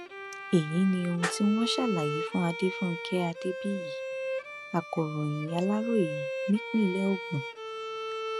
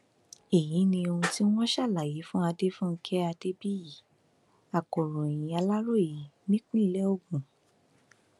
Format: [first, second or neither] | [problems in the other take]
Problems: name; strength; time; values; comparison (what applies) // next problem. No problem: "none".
second | background sound (Bowed string instrument); 6 dB below the speech